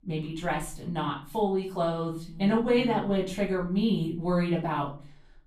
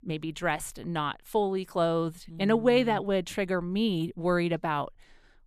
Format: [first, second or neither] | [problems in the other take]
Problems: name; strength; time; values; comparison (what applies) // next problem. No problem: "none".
second | off-mic speech; far // room echo; slight; dies away in 0.4 s